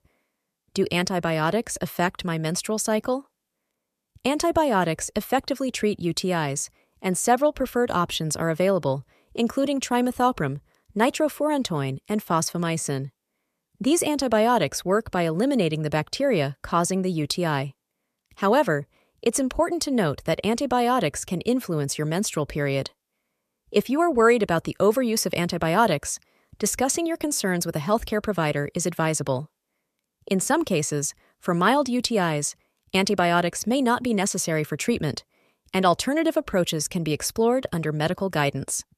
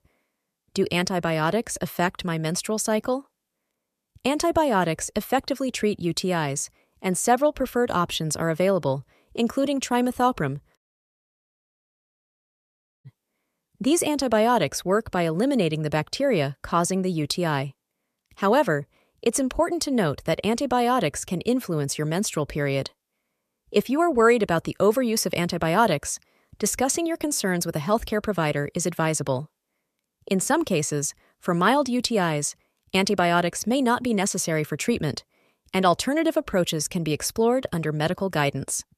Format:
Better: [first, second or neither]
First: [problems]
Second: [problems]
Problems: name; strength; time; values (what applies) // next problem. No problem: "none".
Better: first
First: none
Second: audio cutting out; at 11 s for 2.5 s